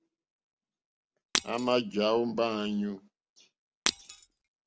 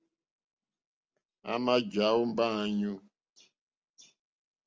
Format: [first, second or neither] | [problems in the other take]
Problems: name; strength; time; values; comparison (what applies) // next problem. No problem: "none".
second | background sound (Shatter); 1 dB below the speech